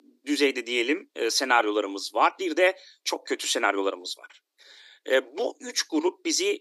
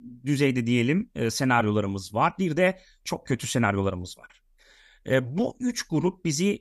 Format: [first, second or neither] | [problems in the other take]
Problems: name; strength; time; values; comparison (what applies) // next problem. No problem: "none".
second | thin; somewhat; fading below 300 Hz